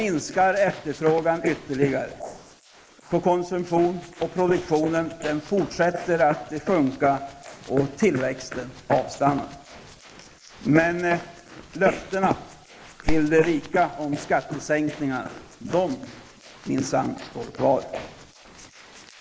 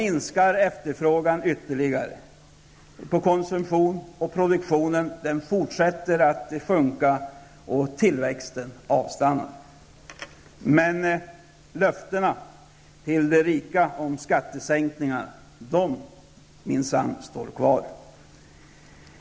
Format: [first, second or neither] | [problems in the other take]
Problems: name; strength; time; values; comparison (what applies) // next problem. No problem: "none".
second | noise reduction (neural mask model Resemble Enhance denoiser)